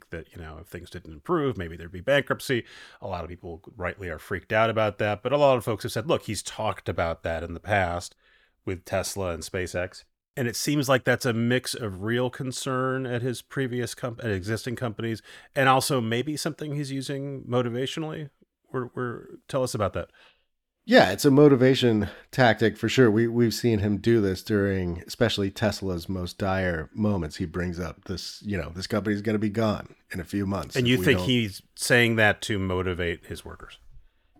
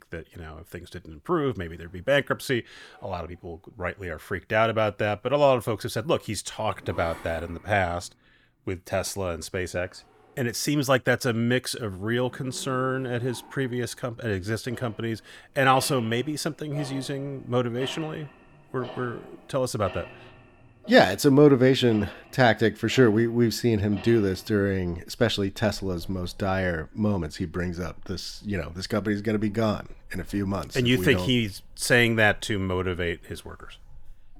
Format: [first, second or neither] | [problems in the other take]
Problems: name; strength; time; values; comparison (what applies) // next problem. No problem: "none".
first | household noises; faint; throughout; 20 dB below the speech